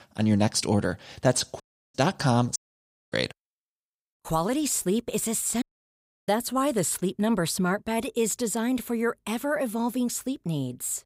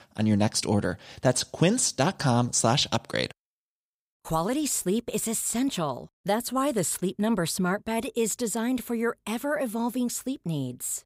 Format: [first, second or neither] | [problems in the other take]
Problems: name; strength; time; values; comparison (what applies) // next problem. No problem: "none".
second | audio cutting out; at 1.5 s, at 2.5 s for 0.5 s and at 5.5 s for 0.5 s